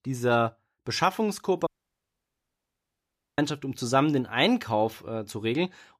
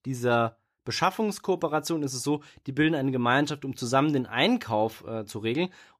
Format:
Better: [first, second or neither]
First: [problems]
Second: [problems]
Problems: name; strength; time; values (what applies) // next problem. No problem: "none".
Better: second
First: audio cutting out; at 1.5 s for 1.5 s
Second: none